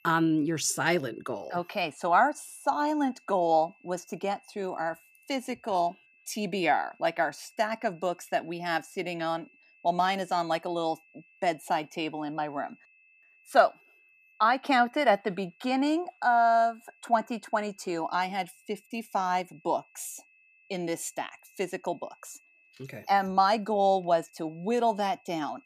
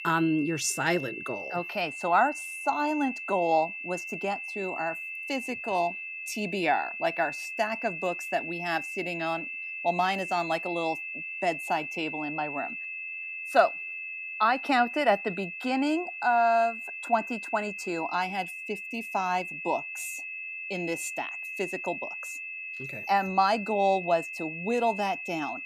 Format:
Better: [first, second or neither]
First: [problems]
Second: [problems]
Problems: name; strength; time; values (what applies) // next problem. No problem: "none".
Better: first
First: high-pitched whine; faint; throughout; 2.5 kHz, 30 dB below the speech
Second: high-pitched whine; loud; throughout; 2.5 kHz, 6 dB below the speech